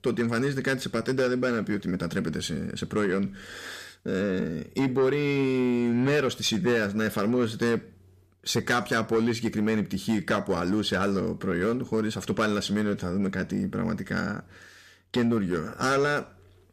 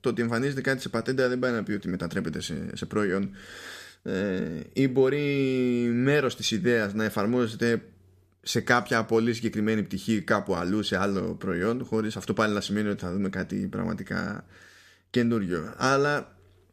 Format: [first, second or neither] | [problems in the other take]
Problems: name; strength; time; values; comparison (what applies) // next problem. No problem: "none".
second | distortion; slight; 10 dB below the speech